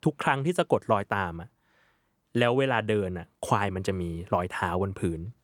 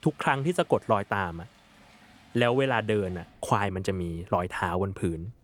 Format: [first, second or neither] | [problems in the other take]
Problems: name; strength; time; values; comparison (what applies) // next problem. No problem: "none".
first | rain or running water; faint; throughout; 30 dB below the speech